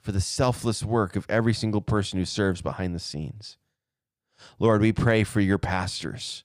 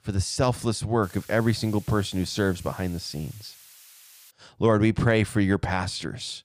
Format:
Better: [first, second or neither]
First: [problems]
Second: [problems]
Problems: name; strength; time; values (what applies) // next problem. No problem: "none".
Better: first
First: none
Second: hiss; faint; from 1 to 4.5 s; 20 dB below the speech